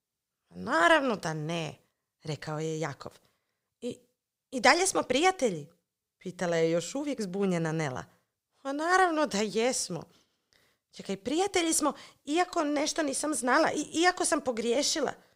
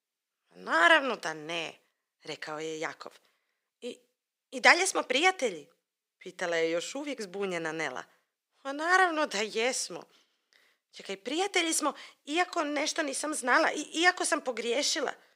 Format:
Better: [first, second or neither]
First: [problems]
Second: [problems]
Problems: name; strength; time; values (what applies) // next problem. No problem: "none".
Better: first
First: none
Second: thin; very slightly; fading below 250 Hz